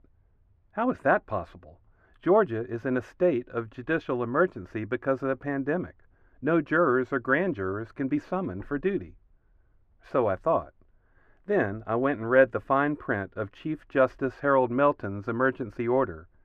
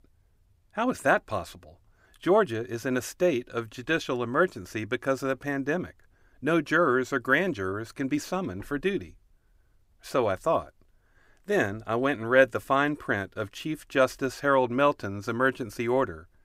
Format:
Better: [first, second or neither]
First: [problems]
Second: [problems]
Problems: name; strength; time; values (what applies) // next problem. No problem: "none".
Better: second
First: muffled; very; fading above 4 kHz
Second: none